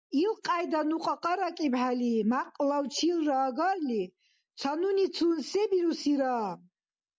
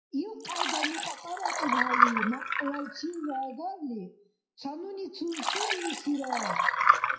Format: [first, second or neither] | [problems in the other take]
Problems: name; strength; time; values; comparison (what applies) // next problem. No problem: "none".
first | noise reduction (classical method WPE with log-MMSE)